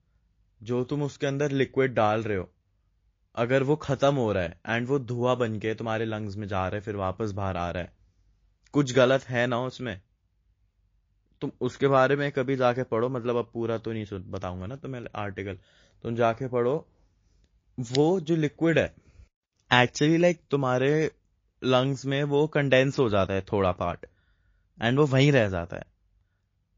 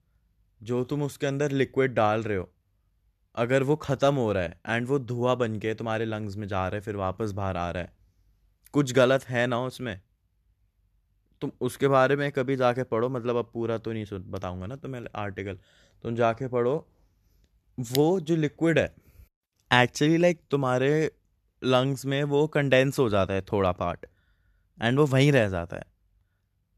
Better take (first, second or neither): second